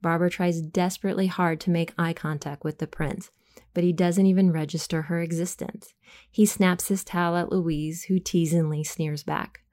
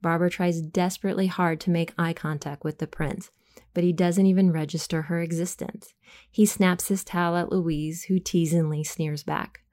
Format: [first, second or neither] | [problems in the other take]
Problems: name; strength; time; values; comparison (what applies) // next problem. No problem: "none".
neither | none